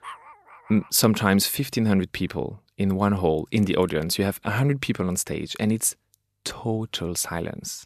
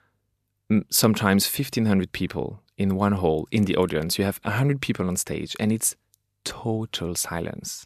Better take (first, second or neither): second